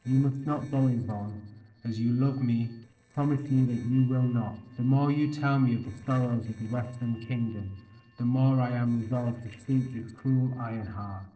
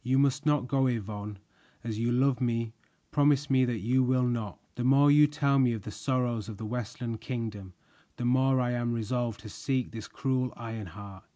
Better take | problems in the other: second | noise reduction (neural separator model SepFormer DNS4)

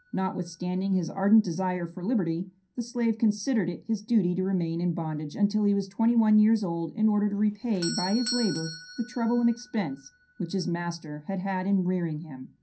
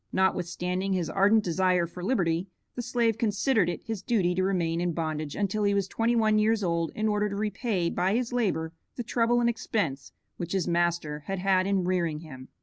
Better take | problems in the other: second | background sound (Doorbell); 18 dB below the speech // room echo; dies away in 0.3 s

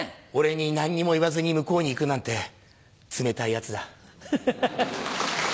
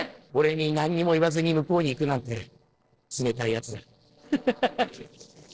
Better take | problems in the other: first | noise reduction (neural separator model SepFormer DNS4)

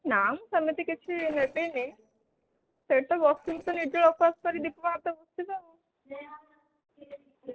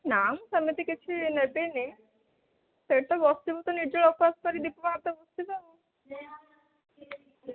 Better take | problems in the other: second | noise reduction (neural separator model SepFormer DNS4)

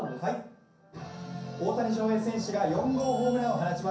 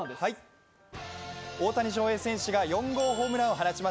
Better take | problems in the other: second | room echo; dies away in 0.6 s

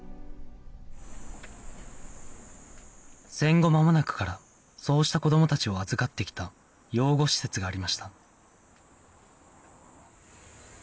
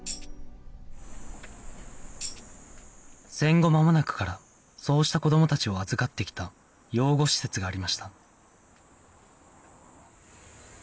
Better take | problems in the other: first | background sound (Tambourine); 13 dB below the speech

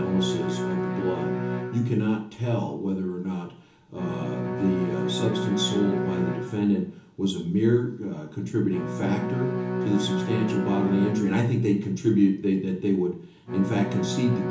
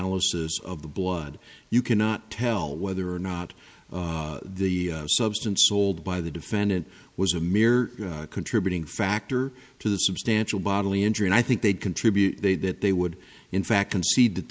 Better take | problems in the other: second | background sound (Bowed string instrument); 5 dB below the speech // room echo; dies away in 1.2 s

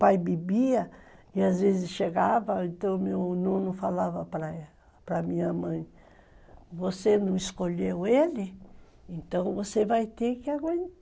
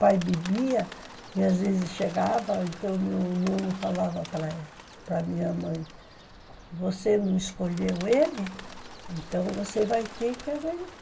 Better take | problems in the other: first | background sound (Bird); 17 dB below the speech // room echo; dies away in 0.2 s

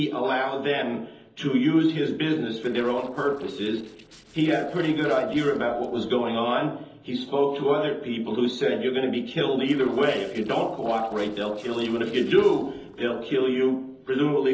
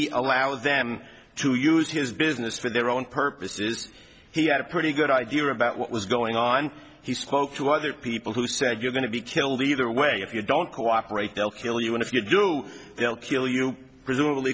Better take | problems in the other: second | noise reduction (neural separator model SepFormer DNS4)

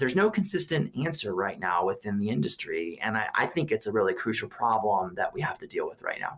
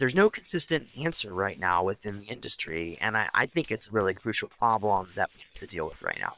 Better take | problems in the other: first | noise reduction (neural separator model SepFormer WHAM!)

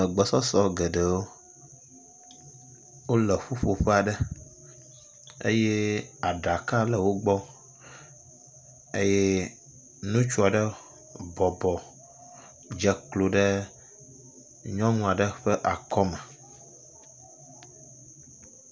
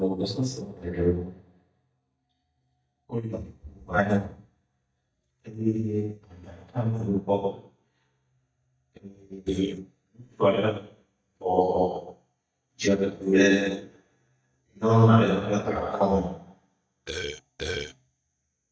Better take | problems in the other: first | noise reduction (neural mask model DeepFilterNet 3)

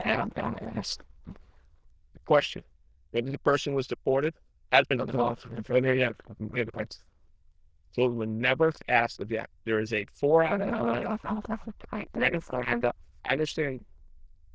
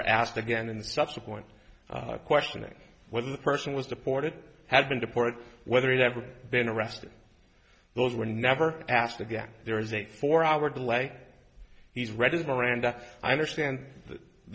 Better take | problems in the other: second | noise reduction (neural diffusion model UNIVERSE++)

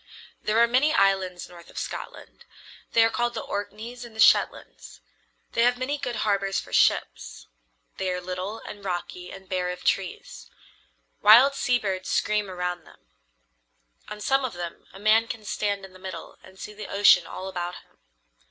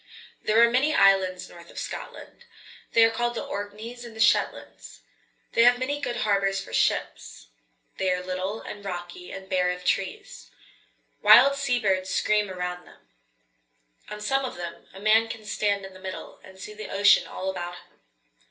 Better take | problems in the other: first | room echo; dies away in 0.3 s

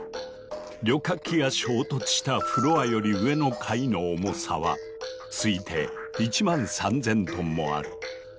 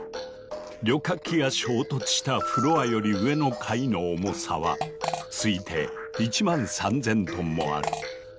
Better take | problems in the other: first | background sound (Fart); 8 dB below the speech

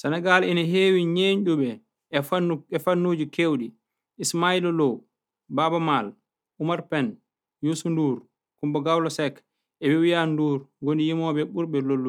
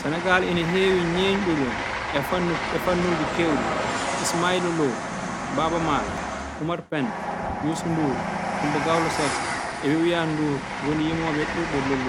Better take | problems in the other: first | background sound (Train); 3 dB below the speech

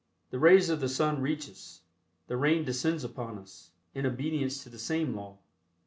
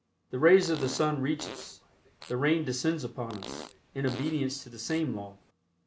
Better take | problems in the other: first | background sound (Fart); 16 dB below the speech

